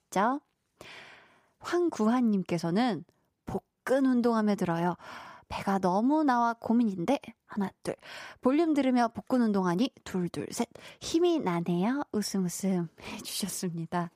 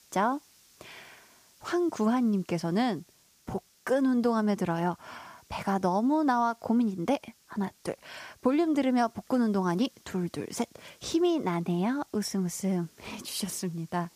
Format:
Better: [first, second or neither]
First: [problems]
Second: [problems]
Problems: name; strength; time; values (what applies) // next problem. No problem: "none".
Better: first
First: none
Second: hiss; faint; throughout; 30 dB below the speech